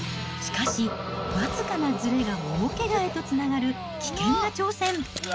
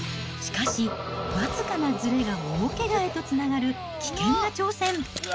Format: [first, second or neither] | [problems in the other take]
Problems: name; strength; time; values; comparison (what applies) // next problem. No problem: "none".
second | background sound (Wind instrument, woodwind instrument); 15 dB below the speech